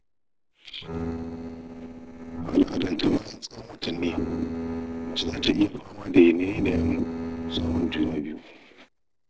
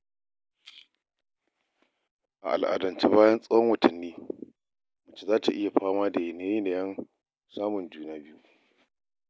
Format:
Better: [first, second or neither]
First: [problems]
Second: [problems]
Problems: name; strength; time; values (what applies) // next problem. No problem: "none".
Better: second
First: noise reduction (neural separator model SepFormer DNS4)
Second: none